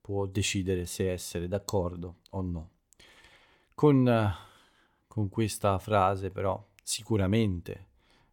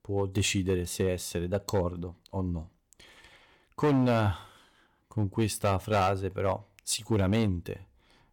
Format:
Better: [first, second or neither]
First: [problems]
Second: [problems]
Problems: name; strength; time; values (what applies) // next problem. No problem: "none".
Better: first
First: none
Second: distortion; slight; 4% of the sound clipped